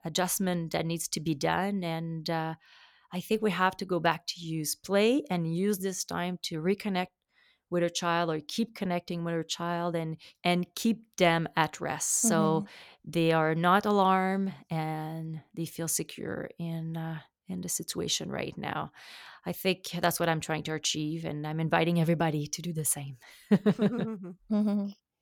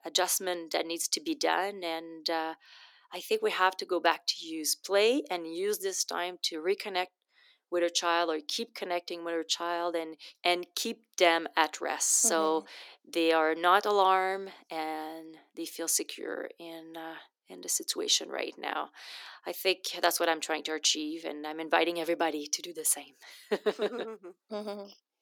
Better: first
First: none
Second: thin; very; fading below 300 Hz

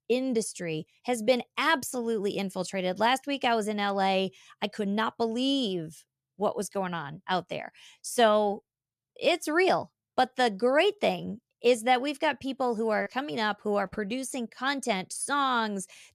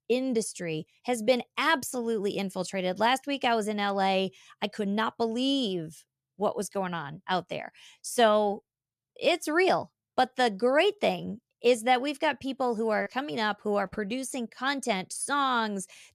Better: neither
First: none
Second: none

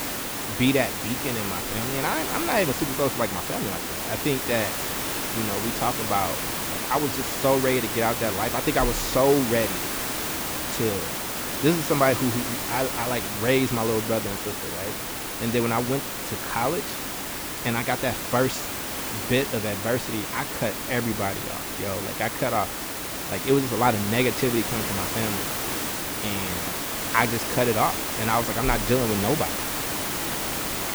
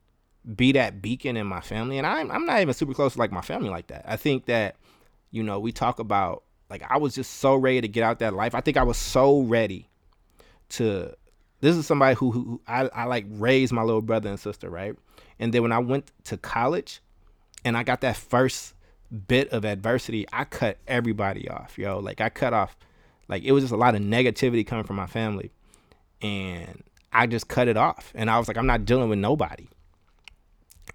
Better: second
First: hiss; loud; throughout; 1 dB below the speech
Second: none

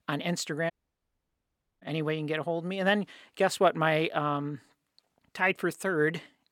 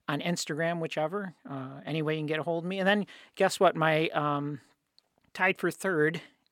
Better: second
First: audio cutting out; at 0.5 s for 1 s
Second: none

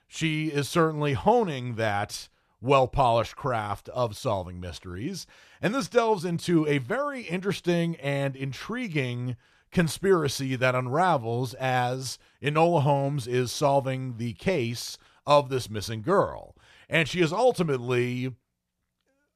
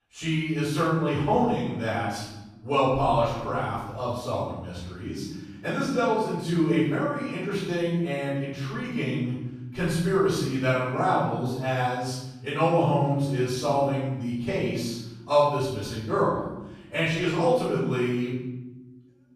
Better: first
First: none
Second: off-mic speech; far // room echo; strong; dies away in 1 s

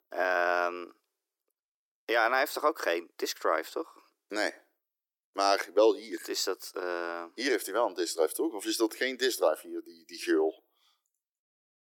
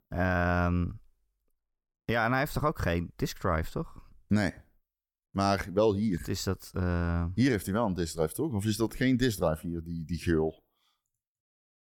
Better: second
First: thin; very; fading below 350 Hz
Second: none

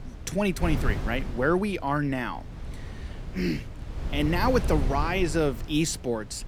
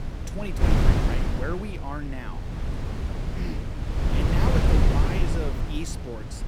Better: first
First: wind noise on the microphone; occasional gusts; 15 dB below the speech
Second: wind noise on the microphone; heavy; 2 dB above the speech

